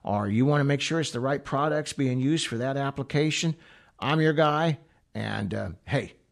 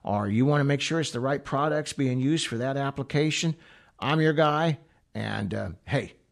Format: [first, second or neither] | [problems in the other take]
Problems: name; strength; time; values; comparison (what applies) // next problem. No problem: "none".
neither | none